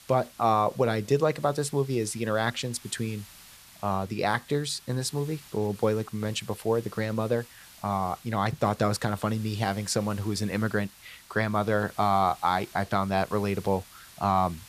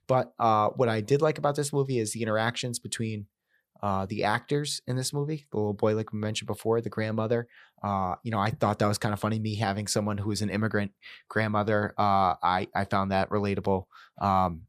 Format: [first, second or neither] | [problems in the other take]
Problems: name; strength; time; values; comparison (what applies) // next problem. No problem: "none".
second | hiss; faint; throughout; 20 dB below the speech